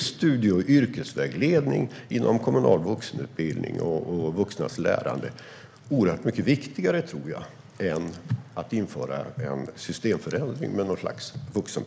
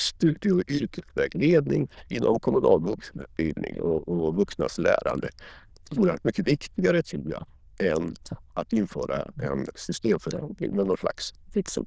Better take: first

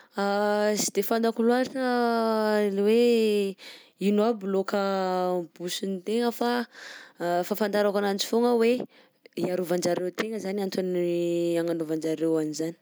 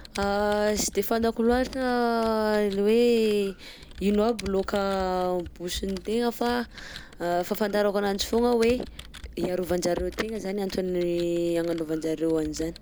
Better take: first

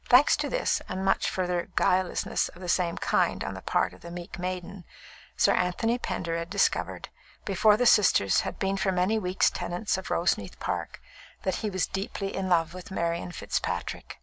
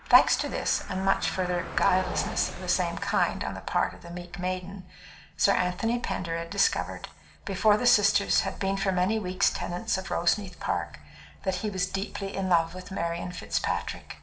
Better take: first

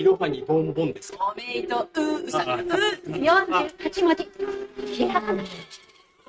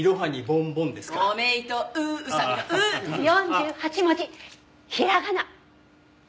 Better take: second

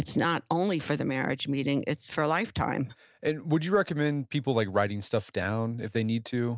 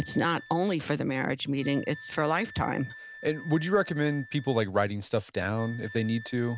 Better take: first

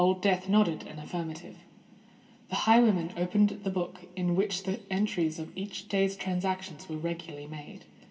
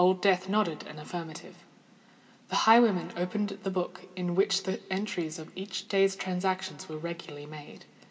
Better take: second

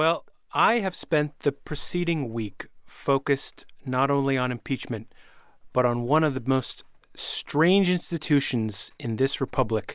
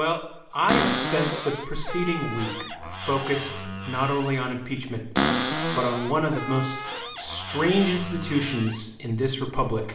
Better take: first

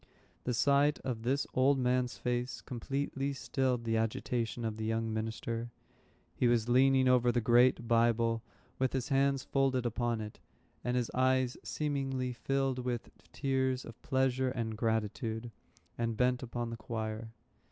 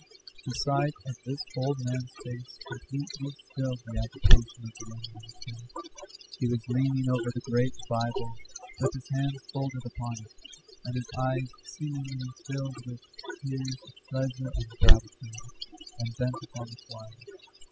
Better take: first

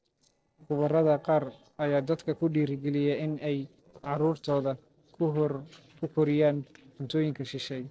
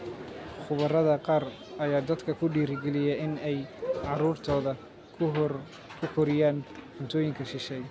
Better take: second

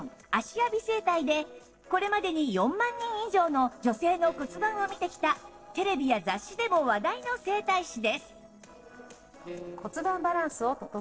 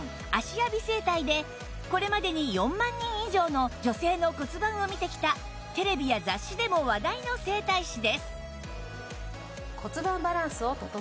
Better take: second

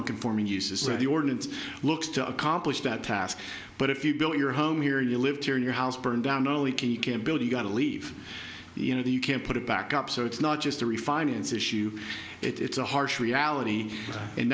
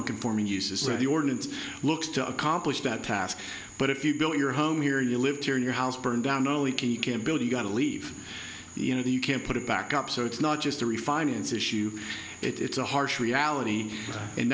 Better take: first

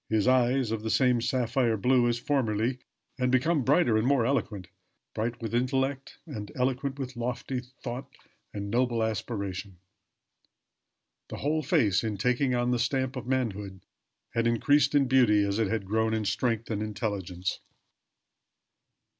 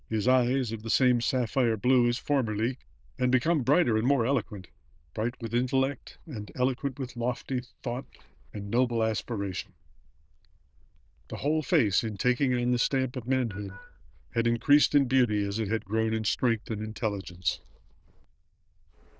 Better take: first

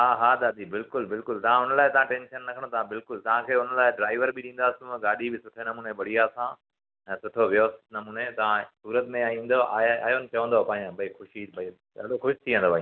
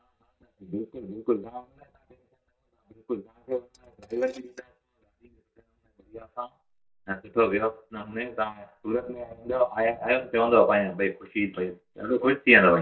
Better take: first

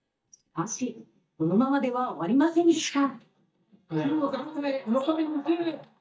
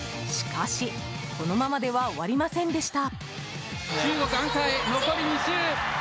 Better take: second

